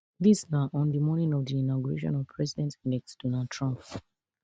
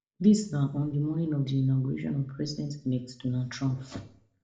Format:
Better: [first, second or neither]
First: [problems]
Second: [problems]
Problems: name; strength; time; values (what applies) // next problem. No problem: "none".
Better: first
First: none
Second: room echo; dies away in 0.4 s